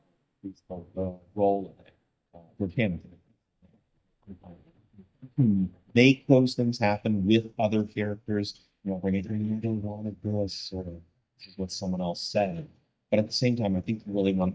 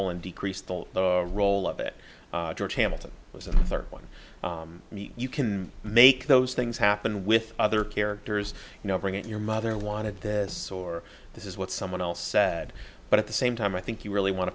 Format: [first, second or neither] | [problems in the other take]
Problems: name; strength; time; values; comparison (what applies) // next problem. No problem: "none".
second | noise reduction (neural mask model DeepFilterNet 3)